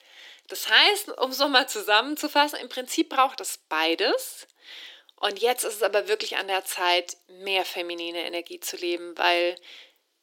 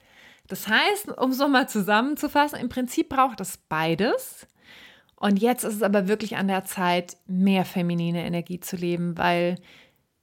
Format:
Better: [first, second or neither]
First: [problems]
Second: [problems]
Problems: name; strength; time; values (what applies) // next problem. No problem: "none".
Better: second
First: thin; very; fading below 300 Hz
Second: none